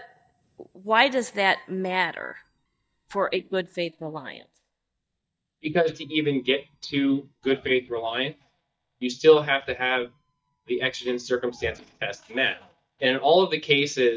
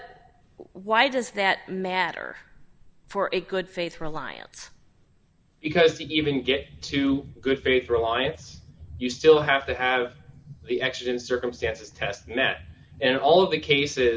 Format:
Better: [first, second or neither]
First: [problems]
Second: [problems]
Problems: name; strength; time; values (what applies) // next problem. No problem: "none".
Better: second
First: noise reduction (neural mask model DeepFilterNet 3)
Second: none